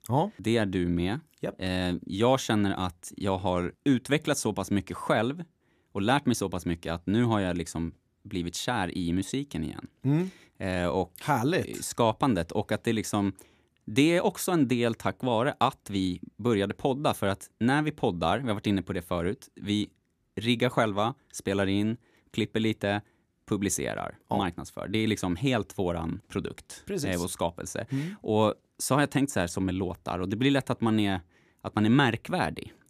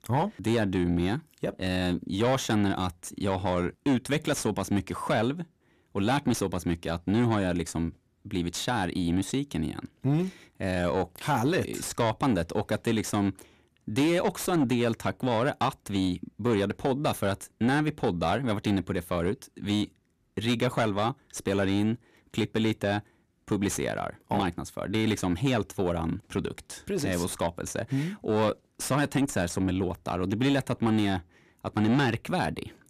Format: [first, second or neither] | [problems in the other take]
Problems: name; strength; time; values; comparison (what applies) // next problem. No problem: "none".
first | distortion; slight; 10 dB below the speech